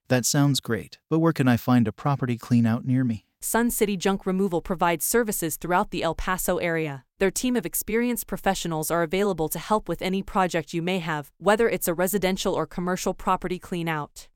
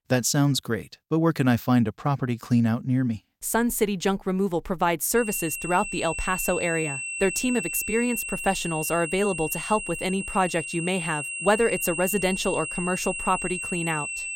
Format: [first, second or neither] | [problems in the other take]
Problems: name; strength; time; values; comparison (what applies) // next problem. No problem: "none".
first | high-pitched whine; loud; from 5 s on; 2.5 kHz, 5 dB below the speech